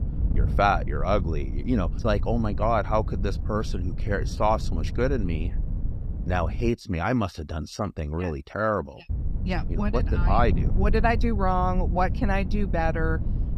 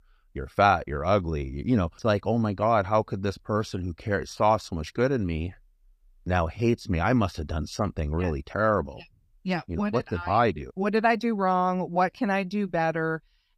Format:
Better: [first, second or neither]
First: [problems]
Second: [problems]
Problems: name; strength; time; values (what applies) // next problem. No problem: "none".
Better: second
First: wind noise on the microphone; occasional gusts; until 6.5 s and from 9 s on; 15 dB below the speech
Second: none